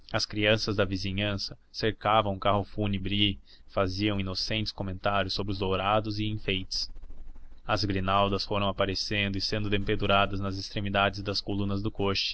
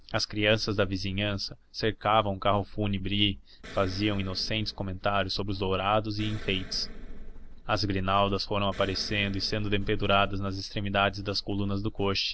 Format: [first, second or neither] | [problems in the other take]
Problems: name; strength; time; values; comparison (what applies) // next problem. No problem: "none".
first | background sound (Explosion); 19 dB below the speech